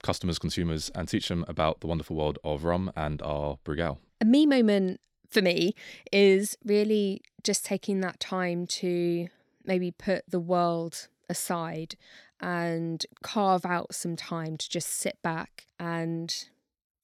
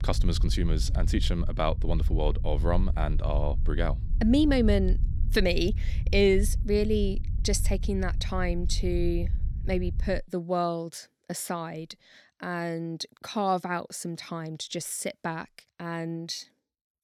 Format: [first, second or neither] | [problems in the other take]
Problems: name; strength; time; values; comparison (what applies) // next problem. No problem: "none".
first | low rumble; noticeable; until 10 s; 20 dB below the speech